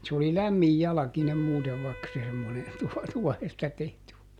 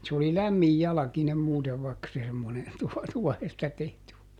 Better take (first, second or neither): second